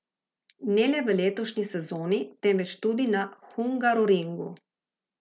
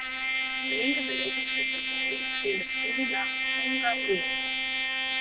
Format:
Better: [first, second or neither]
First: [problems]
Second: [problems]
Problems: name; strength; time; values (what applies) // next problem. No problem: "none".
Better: first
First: none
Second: noise reduction (neural diffusion model UNIVERSE++)